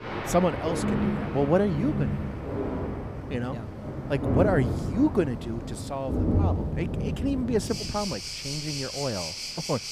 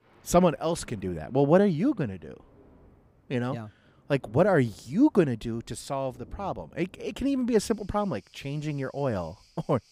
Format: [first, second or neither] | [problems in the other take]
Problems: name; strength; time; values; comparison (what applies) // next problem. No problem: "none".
second | rain or running water; loud; throughout; 1 dB below the speech; faint in the second